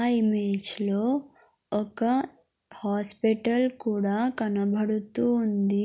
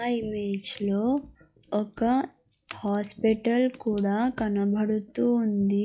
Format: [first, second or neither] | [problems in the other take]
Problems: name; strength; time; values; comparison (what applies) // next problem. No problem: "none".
first | noise reduction (classical method log-MMSE)